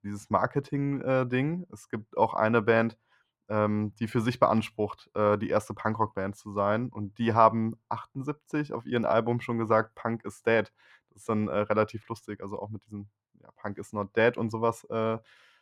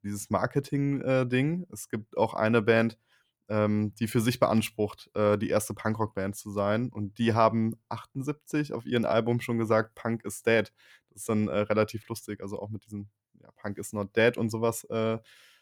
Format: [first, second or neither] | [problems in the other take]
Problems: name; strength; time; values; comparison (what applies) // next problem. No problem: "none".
second | muffled; slightly; fading above 3 kHz